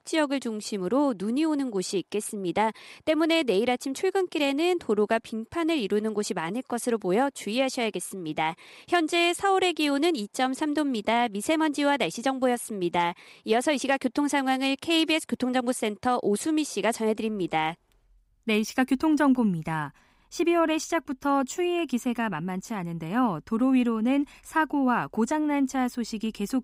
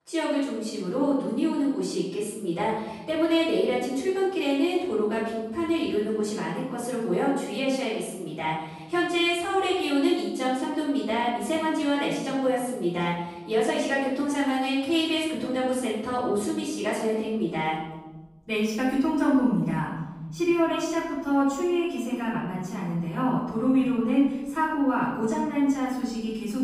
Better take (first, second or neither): first